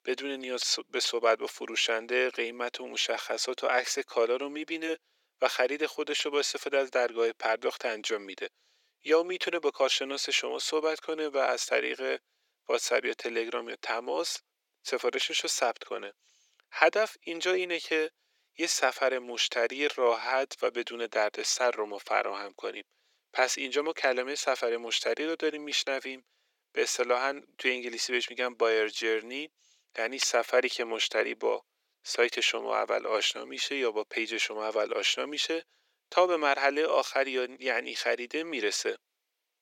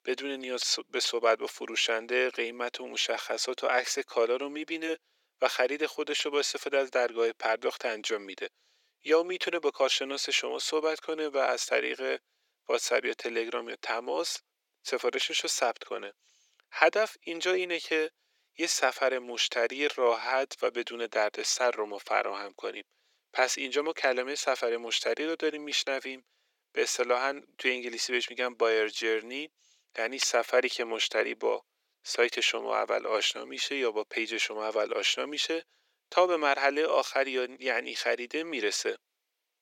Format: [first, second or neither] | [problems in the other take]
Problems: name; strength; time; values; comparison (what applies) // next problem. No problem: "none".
neither | thin; very; fading below 400 Hz; the same in both